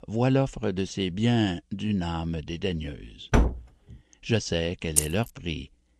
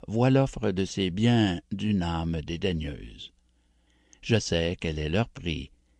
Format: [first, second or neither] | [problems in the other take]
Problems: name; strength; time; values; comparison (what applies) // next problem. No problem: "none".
second | door banging; loud; at 3.5 s; peak 3 dB above the speech // jangling keys; loud; at 5 s; peak 3 dB above the speech